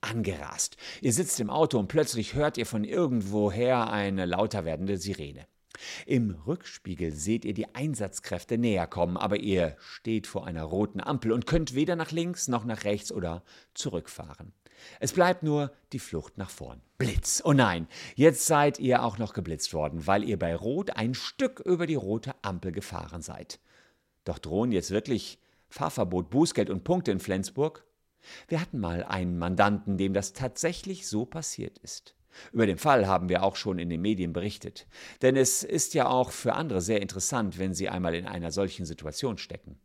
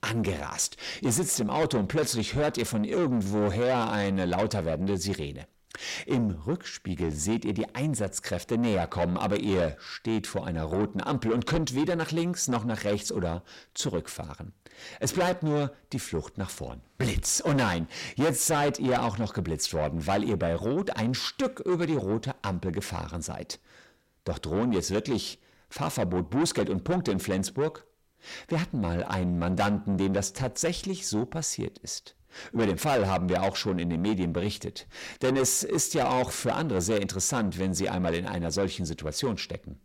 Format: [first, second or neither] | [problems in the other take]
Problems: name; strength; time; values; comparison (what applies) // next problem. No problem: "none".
first | distortion; heavy; 7 dB below the speech